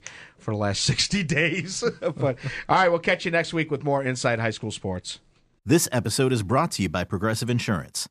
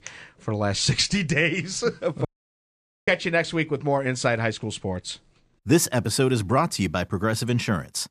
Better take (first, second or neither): first